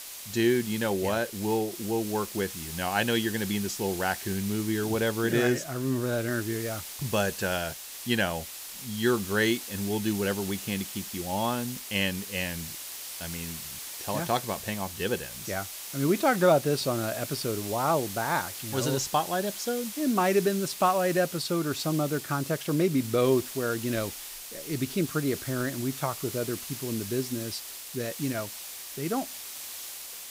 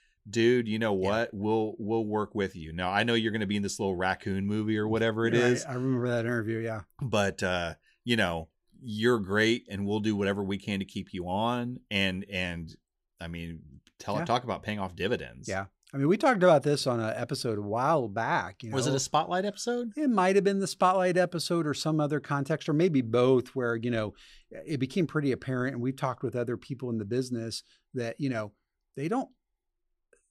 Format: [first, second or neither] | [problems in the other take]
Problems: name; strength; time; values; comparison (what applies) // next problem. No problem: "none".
second | hiss; loud; throughout; 8 dB below the speech